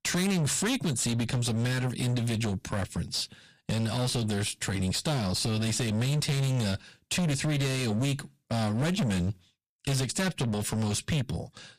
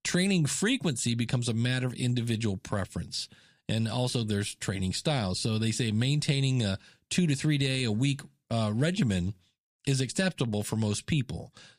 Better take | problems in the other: second | distortion; heavy; 22% of the sound clipped

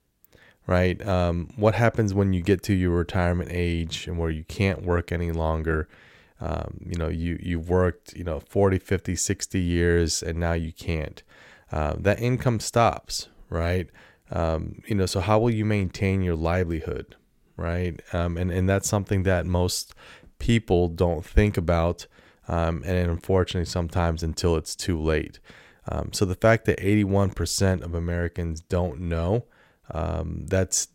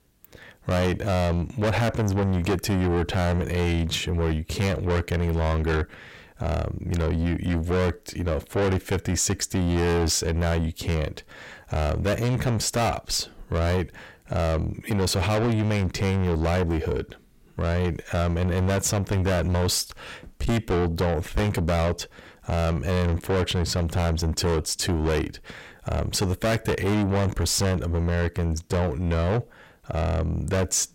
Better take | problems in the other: first | distortion; heavy; 6 dB below the speech

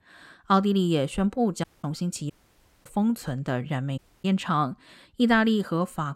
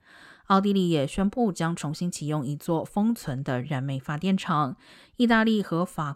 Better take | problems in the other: second | audio cutting out; at 1.5 s, at 2.5 s for 0.5 s and at 4 s

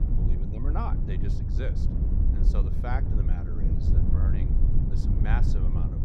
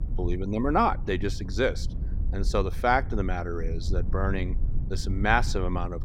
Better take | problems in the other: second | low rumble; loud; throughout; 1 dB below the speech; faint in the second

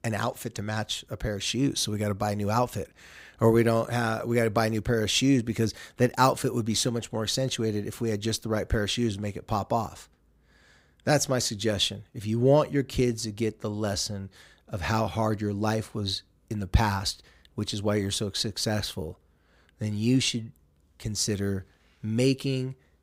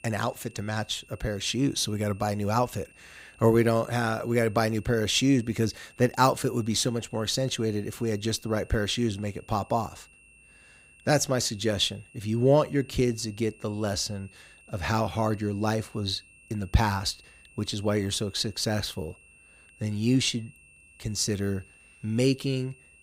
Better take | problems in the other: first | high-pitched whine; faint; throughout; 2.5 kHz, 25 dB below the speech

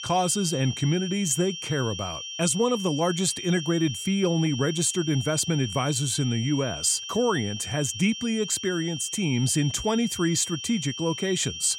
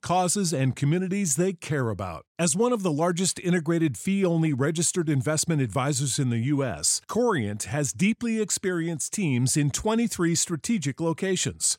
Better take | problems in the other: second | high-pitched whine; loud; throughout; 3 kHz, 8 dB below the speech

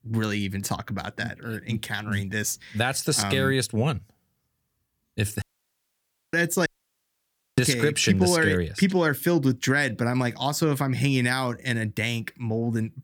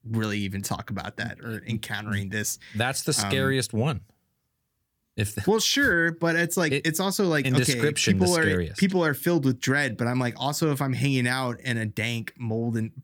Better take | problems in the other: second | audio cutting out; at 5.5 s for 1 s and at 6.5 s for 1 s

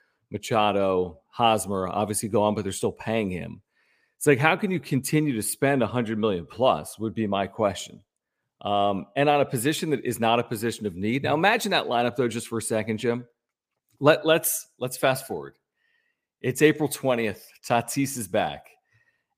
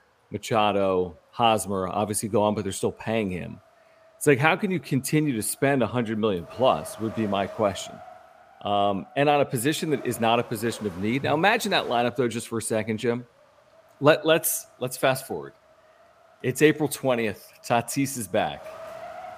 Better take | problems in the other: first | wind noise on the microphone; occasional gusts; 20 dB below the speech

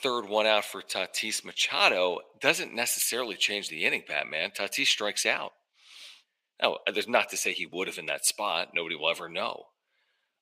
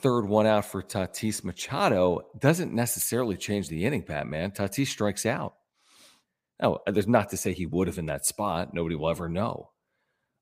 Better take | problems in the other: second | thin; somewhat; fading below 450 Hz

